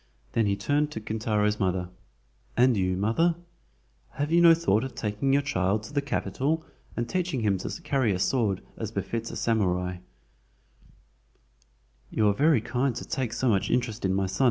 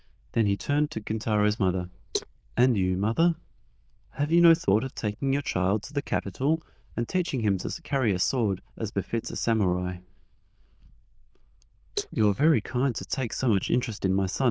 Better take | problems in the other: first | noise reduction (neural diffusion model UNIVERSE++)

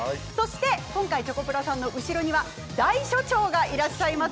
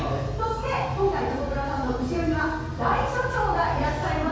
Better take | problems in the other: first | room echo; dies away in 1.3 s

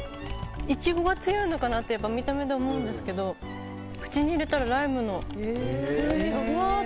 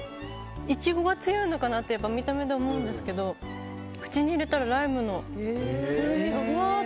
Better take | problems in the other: second | background sound (Computer keyboard); 12 dB below the speech

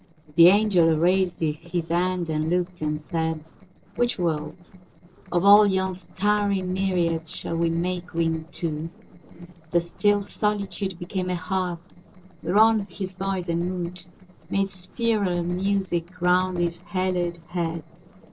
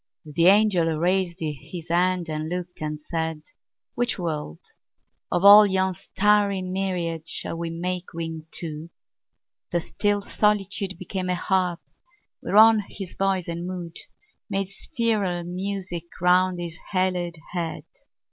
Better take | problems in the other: second | noise reduction (neural separator model SepFormer DNS4)

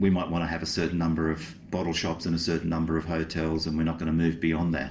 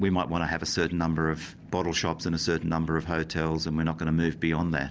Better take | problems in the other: second | room echo; dies away in 0.4 s

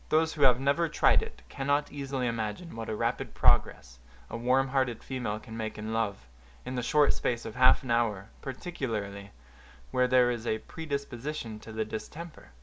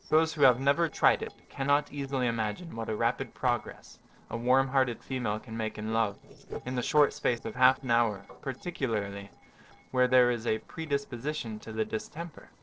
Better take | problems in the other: first | noise reduction (neural separator model SepFormer DNS4)

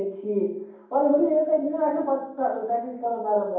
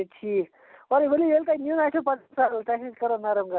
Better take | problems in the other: second | room echo; dies away in 1.2 s

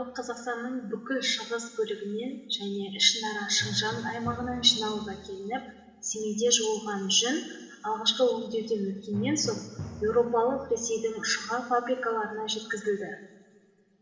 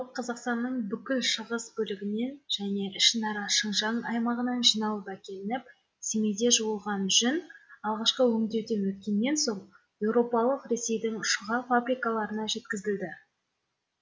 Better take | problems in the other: second | background sound (Drum); 17 dB below the speech // room echo; dies away in 2.5 s

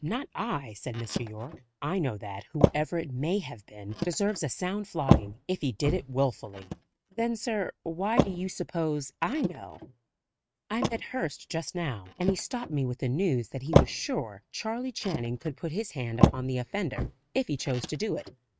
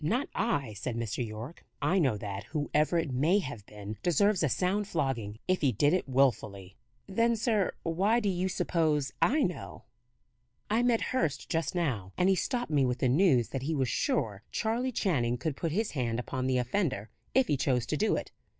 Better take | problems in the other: second | noise reduction (neural mask model RNNoise)

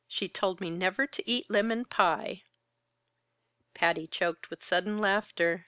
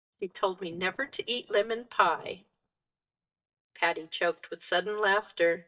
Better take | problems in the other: first | noise reduction (neural mask model DeepFilterNet 3)

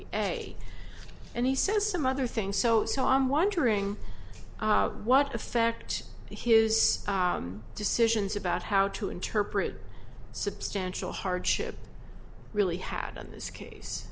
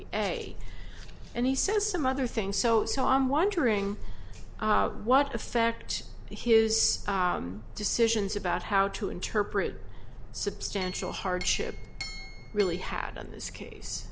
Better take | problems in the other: first | background sound (Chink, clink); 15 dB below the speech

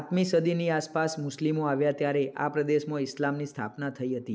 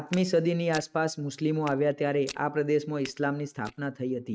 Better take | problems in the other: first | noise reduction (neural mask model RNNoise)

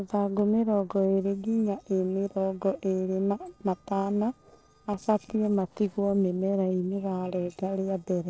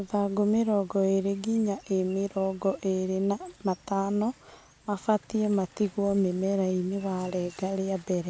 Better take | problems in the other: second | noise reduction (neural separator model SepFormer DNS4)

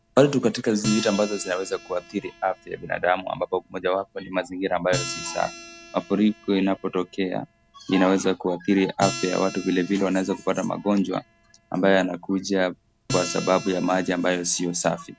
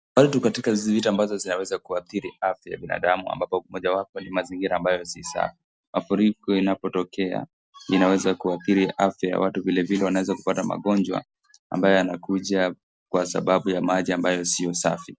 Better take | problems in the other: second | background sound (Acoustic guitar); 14 dB below the speech

